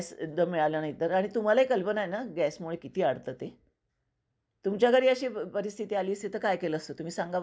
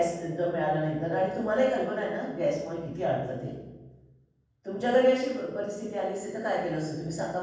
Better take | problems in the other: first | room echo; dies away in 1.2 s

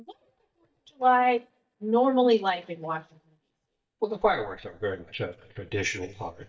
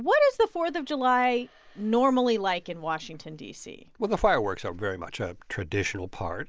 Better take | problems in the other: second | noise reduction (neural mask model DeepFilterNet 3)

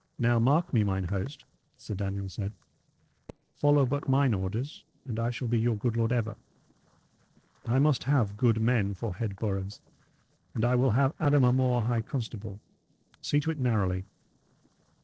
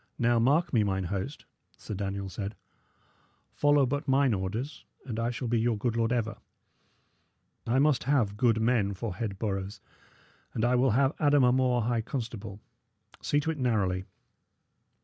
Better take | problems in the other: second | noise reduction (neural separator model SepFormer DNS4)

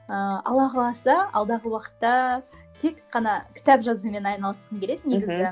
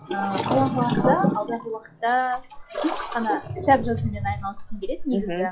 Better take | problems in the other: first | noise reduction (classical method log-MMSE)

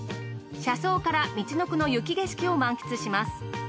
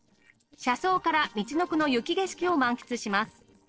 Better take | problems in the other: first | noise reduction (neural separator model SepFormer DNS4)

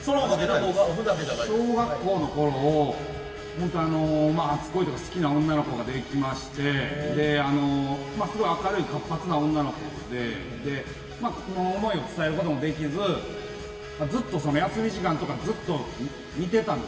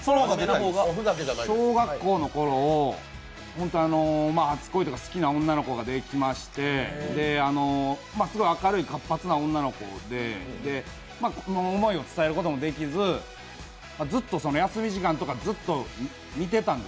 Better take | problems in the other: second | background sound (Bowed string instrument); 18 dB below the speech // room echo; dies away in 1.8 s

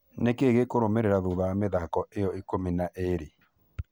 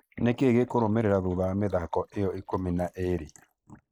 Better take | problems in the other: first | noise reduction (neural mask model Resemble Enhance denoiser)

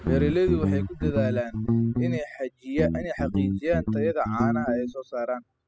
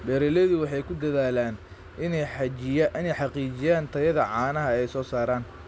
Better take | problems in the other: second | noise reduction (classical method spectral subtraction)

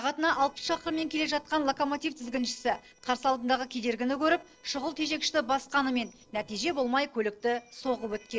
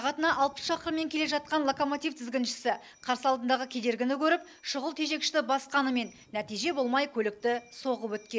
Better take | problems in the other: second | noise reduction (neural separator model SepFormer DNS4)

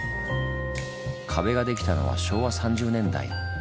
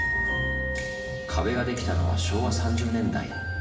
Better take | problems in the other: first | room echo; dies away in 1.1 s

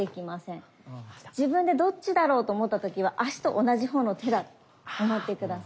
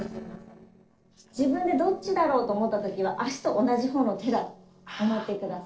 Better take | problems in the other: first | noise reduction (neural separator model SepFormer DNS4)

